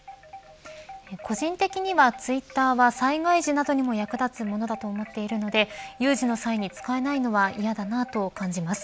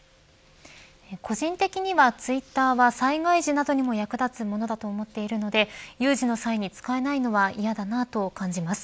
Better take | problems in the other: second | background sound (Wind chime); 20 dB below the speech

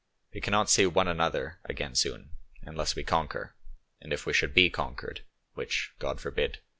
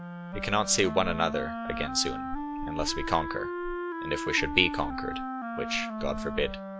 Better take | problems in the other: first | background sound (Wind instrument, woodwind instrument); 4 dB below the speech

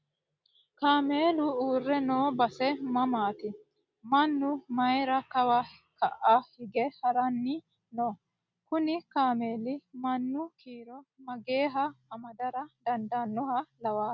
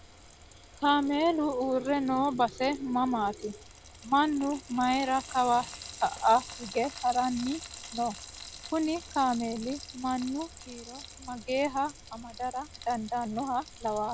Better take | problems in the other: first | background sound (Frying (food)); 16 dB below the speech

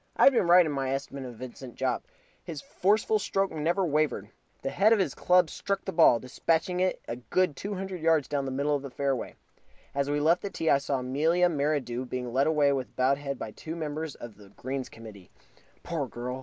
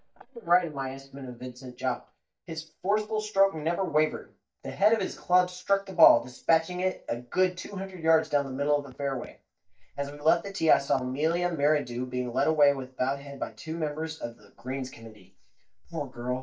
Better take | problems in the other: first | noise reduction (neural mask model DeepFilterNet 3)

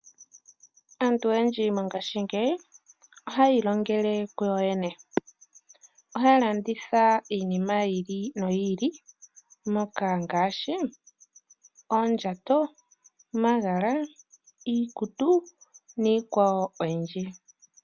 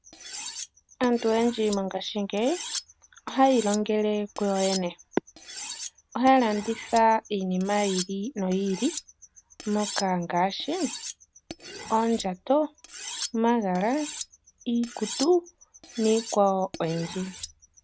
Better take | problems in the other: first | background sound (Cutlery, silverware); 13 dB below the speech

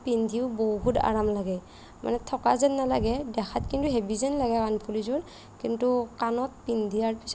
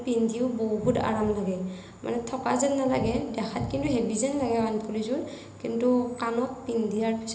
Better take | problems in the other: first | room echo; dies away in 1 s

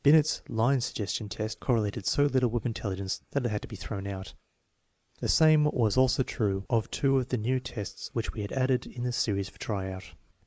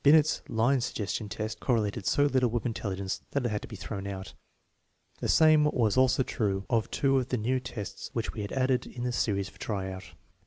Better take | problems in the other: second | noise reduction (neural mask model Resemble Enhance denoiser)

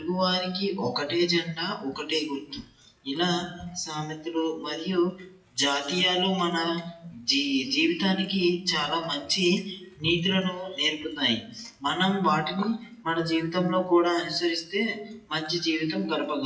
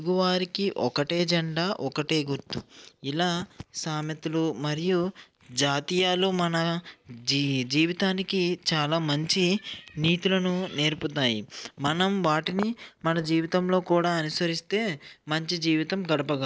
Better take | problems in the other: second | noise reduction (classical method WPE with log-MMSE)

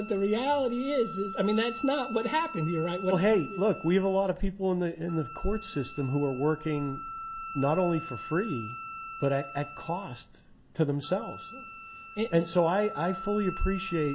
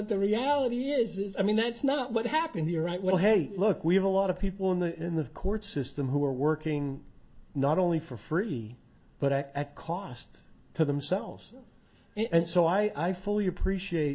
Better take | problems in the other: second | background sound (Wind instrument, woodwind instrument); 13 dB below the speech

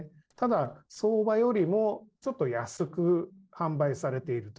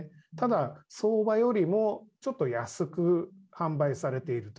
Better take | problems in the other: second | noise reduction (neural separator model SepFormer DNS4)

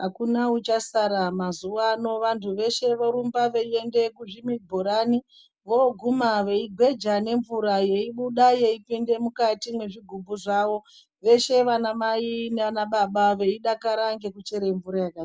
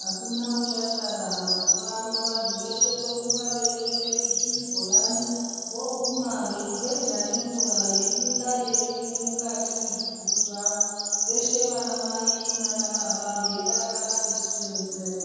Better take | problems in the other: first | background sound (Bird vocalization, bird call, bird song); 4 dB above the speech // room echo; dies away in 2.1 s

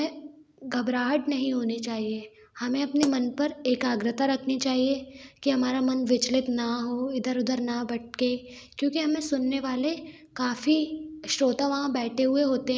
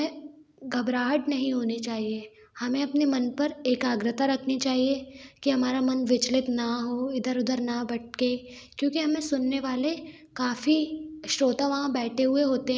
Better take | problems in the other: second | background sound (Explosion); 16 dB below the speech

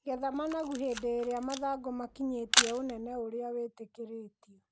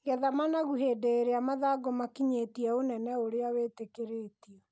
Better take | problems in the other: second | background sound (Camera); as loud as the speech

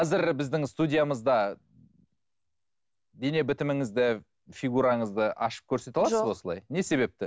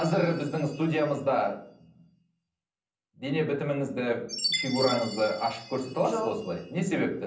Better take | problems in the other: first | background sound (Chime); 11 dB below the speech // room echo; dies away in 0.6 s

